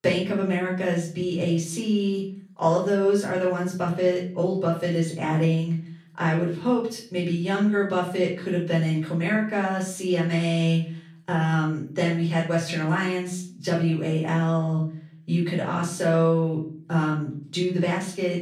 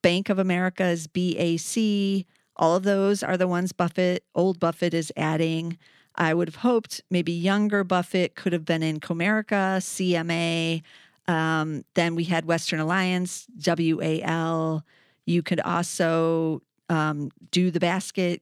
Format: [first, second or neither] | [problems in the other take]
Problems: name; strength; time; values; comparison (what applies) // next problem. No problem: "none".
second | off-mic speech; far // room echo; slight; dies away in 0.5 s